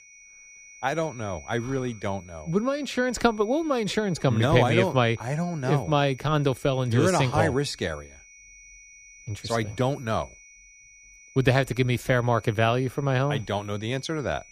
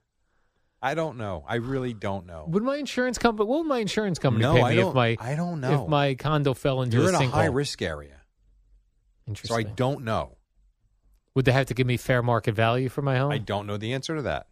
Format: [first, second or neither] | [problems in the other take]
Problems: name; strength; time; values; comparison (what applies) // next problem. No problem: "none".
second | high-pitched whine; faint; throughout; 2 kHz, 25 dB below the speech